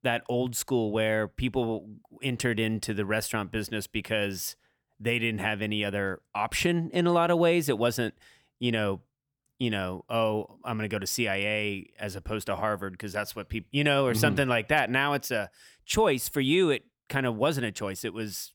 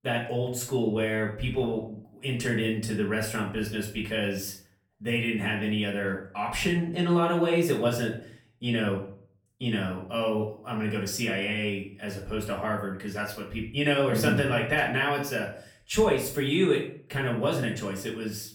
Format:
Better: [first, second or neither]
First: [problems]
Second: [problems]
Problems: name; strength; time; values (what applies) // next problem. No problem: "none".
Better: first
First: none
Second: off-mic speech; far // room echo; slight; dies away in 0.4 s